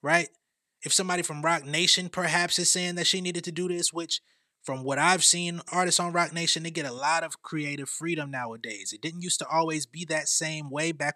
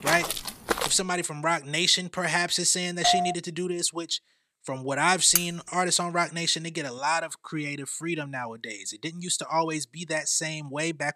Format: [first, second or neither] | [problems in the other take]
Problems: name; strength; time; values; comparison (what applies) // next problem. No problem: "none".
first | footsteps; noticeable; at the start; peak 2 dB below the speech // doorbell; loud; at 3 s; peak 1 dB above the speech // clattering dishes; very faint; at 5.5 s; peak level with the speech